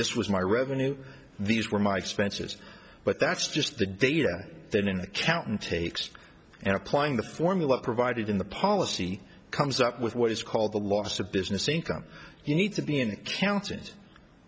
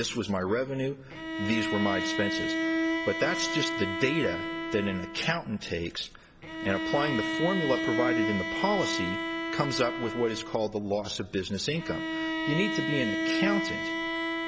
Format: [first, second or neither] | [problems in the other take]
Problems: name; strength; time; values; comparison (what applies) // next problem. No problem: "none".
first | background sound (Bowed string instrument); 1 dB below the speech